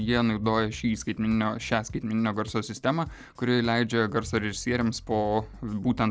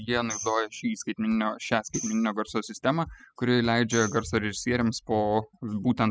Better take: first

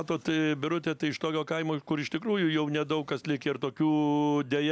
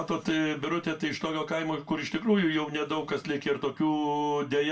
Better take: first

